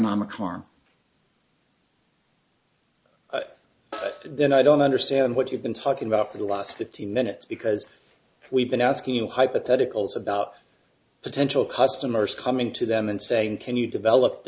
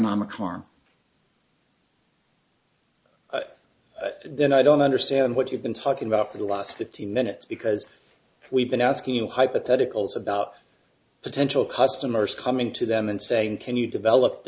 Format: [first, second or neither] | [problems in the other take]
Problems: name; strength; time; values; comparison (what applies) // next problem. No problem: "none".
second | background sound (Snare drum); 20 dB below the speech